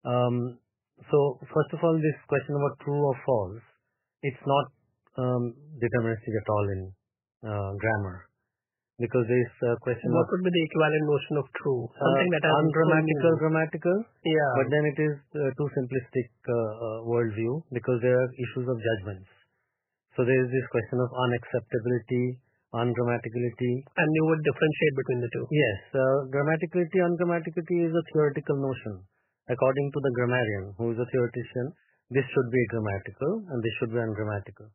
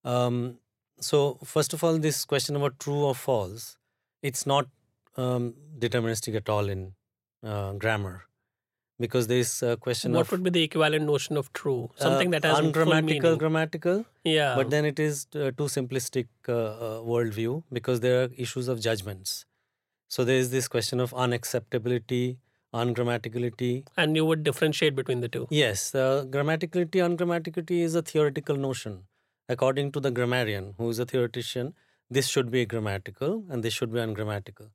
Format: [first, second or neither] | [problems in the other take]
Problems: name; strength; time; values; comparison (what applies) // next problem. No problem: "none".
second | garbled, watery; badly; nothing above 3 kHz